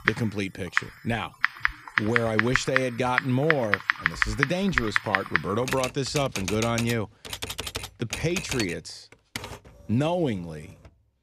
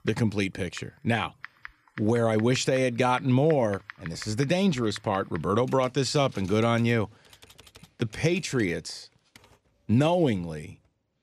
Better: second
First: household noises; loud; throughout; as loud as the speech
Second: household noises; faint; throughout; 20 dB below the speech

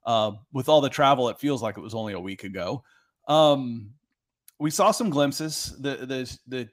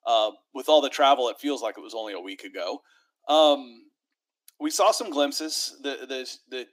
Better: first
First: none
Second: thin; very slightly; fading below 300 Hz

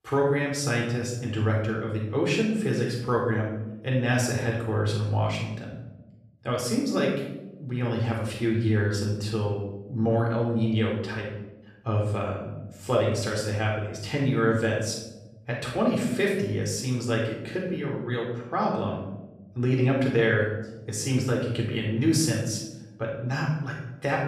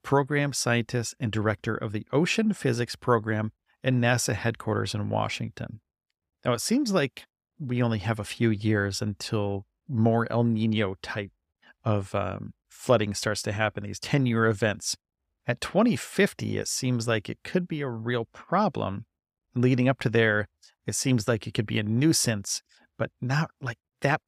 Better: second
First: off-mic speech; far // room echo; noticeable; dies away in 0.8 s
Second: none

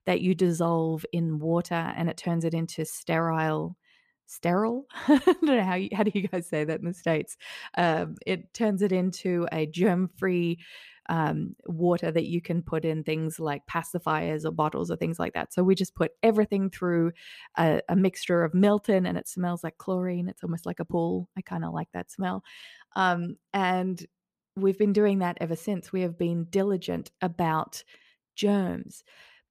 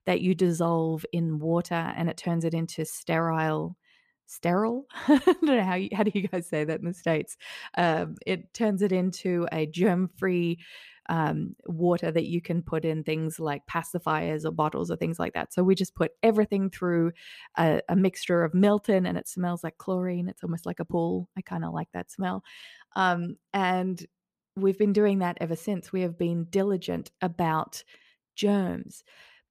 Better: neither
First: none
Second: none

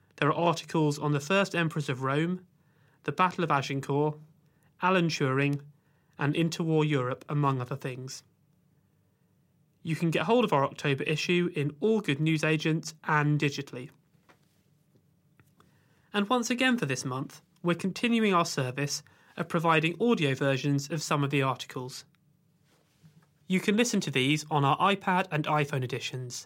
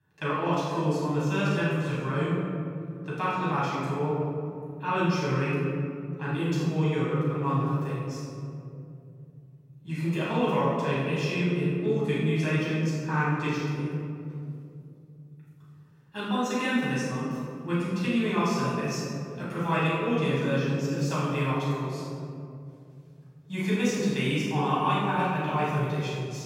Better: first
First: none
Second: room echo; strong; dies away in 3 s // off-mic speech; far

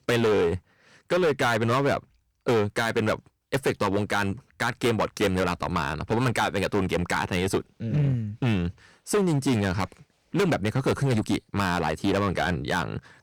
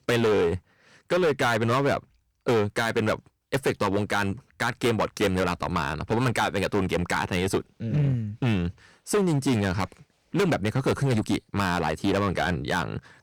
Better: neither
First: distortion; heavy; 13% of the sound clipped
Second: distortion; heavy; 13% of the sound clipped

